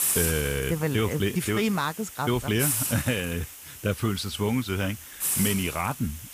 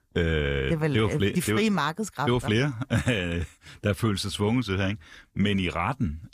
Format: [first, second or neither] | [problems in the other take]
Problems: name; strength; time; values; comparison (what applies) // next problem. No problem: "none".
second | hiss; loud; throughout; 3 dB below the speech